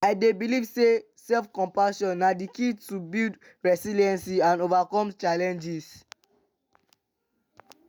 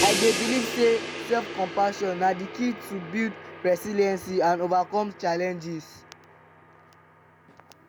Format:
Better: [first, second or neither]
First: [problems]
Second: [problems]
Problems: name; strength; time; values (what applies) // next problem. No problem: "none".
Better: first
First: none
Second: background sound (Crash cymbal); 8 dB below the speech